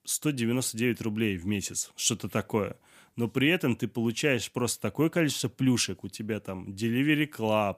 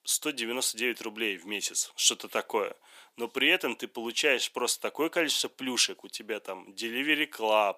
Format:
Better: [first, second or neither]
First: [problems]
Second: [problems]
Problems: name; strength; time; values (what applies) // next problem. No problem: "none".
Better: first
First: none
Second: thin; somewhat; fading below 400 Hz